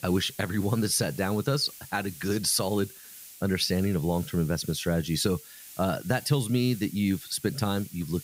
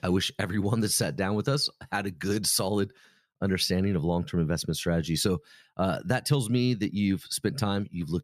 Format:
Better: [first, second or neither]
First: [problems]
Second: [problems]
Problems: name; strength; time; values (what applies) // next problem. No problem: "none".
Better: second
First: hiss; noticeable; throughout; 15 dB below the speech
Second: none